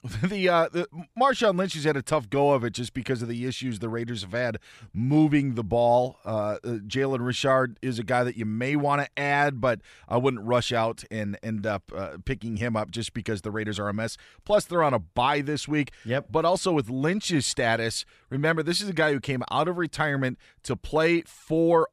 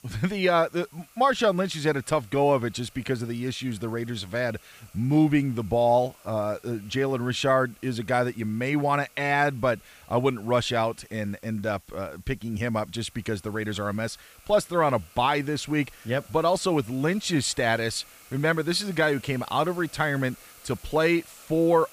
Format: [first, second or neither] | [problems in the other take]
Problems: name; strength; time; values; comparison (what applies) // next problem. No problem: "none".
first | hiss; faint; throughout; 25 dB below the speech